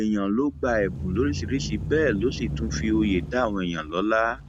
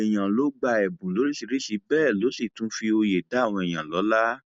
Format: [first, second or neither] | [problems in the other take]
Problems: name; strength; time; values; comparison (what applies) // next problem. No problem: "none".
second | background sound (Engine starting / Accelerating, revving, vroom / Motor vehicle (road)); 8 dB below the speech